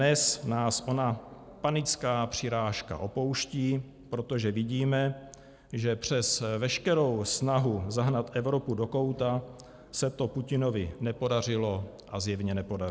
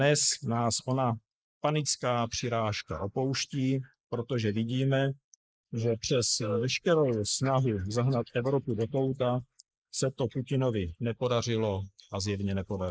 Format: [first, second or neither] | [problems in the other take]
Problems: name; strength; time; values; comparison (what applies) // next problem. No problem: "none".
first | noise reduction (neural mask model Resemble Enhance denoiser)